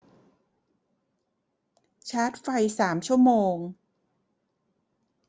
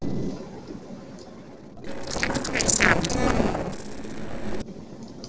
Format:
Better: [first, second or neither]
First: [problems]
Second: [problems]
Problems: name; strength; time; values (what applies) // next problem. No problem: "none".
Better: first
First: none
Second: noise reduction (neural separator model SepFormer DNS4)